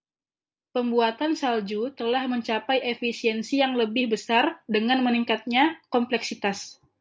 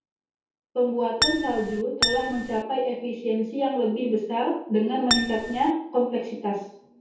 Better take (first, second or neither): first